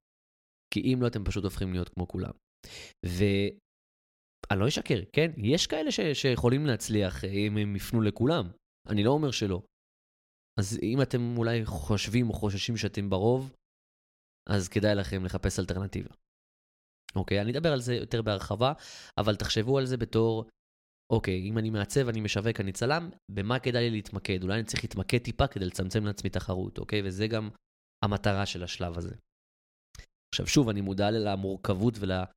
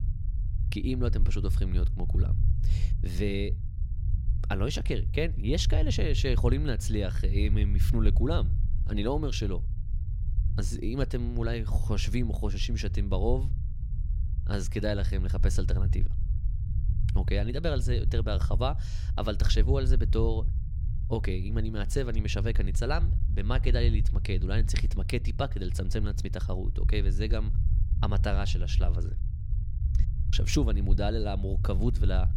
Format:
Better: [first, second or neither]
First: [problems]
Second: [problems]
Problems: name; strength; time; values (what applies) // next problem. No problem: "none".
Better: first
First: none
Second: low rumble; noticeable; throughout; 10 dB below the speech